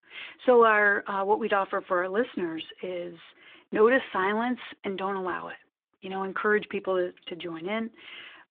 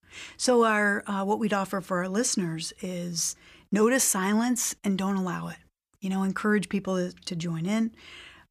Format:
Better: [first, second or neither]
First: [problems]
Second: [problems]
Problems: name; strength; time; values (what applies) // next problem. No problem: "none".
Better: second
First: phone-call audio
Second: none